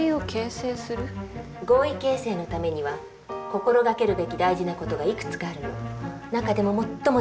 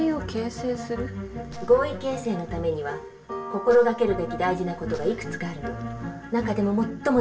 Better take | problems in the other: first | background sound (Gunshot, gunfire); 19 dB below the speech // room echo; dies away in 0.1 s

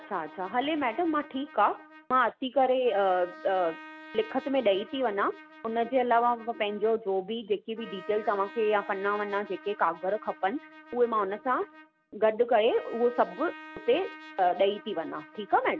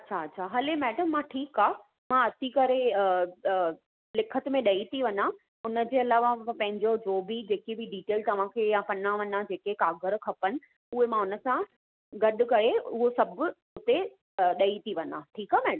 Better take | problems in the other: second | background sound (Trumpet); 20 dB below the speech

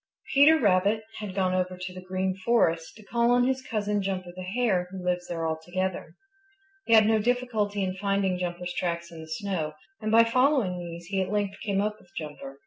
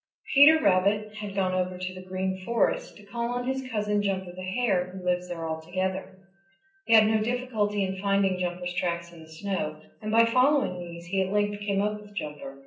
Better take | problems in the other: first | room echo; dies away in 0.5 s

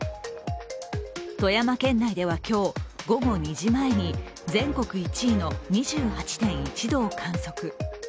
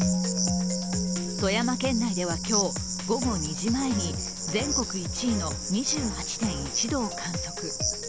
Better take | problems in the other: first | background sound (Musical instrument + Cricket); 1 dB below the speech

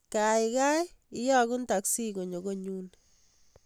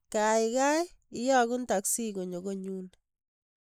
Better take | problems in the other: first | noise reduction (neural mask model Resemble Enhance denoiser)

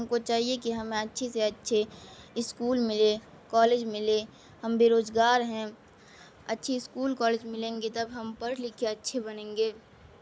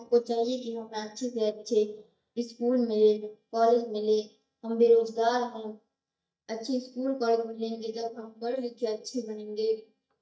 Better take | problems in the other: first | noise reduction (neural mask model DeepFilterNet 3)

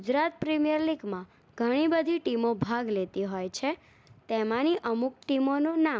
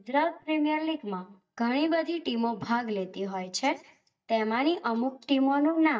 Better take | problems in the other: first | noise reduction (neural mask model DeepFilterNet 3)

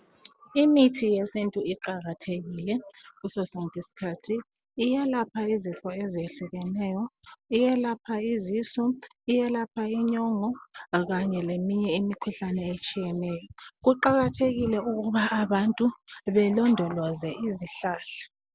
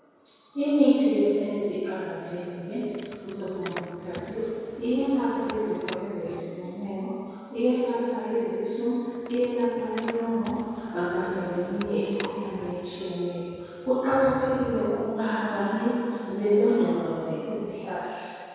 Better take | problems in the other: first | background sound (Car); 16 dB below the speech // room echo; dies away in 2.2 s

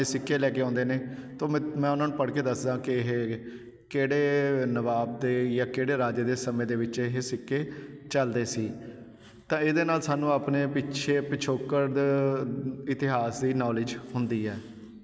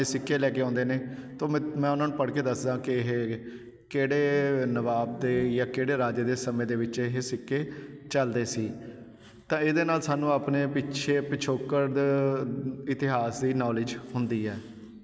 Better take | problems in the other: first | background sound (Insect); 16 dB below the speech

